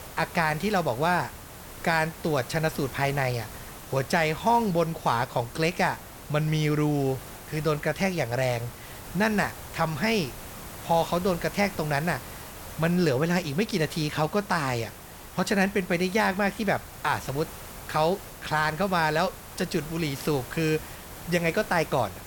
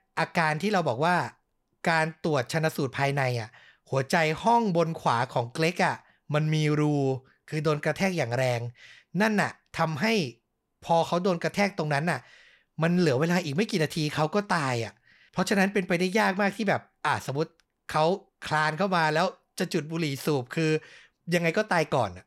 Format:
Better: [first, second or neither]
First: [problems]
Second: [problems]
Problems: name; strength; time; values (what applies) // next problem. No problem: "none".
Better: second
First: hiss; noticeable; throughout; 15 dB below the speech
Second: none